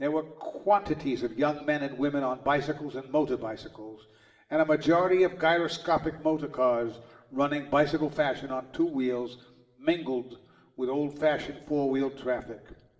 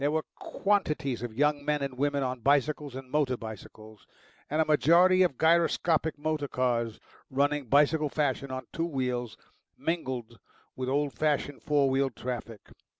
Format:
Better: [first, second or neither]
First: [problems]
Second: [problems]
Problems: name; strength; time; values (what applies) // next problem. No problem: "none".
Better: second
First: room echo; dies away in 0.9 s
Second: none